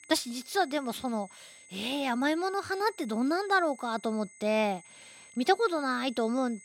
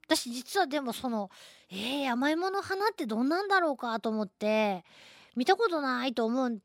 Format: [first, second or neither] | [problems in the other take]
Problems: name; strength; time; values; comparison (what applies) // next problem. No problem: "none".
second | high-pitched whine; faint; throughout; 2 kHz, 20 dB below the speech